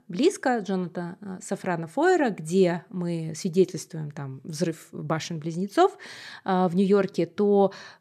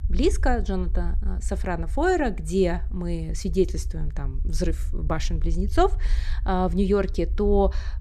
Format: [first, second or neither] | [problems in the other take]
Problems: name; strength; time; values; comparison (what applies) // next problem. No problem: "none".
first | low rumble; faint; throughout; 25 dB below the speech